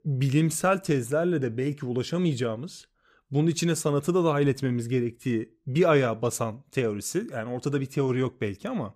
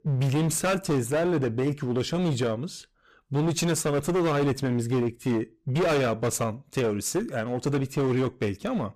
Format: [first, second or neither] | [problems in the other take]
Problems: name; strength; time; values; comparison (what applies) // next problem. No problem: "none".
first | distortion; heavy; 19% of the sound clipped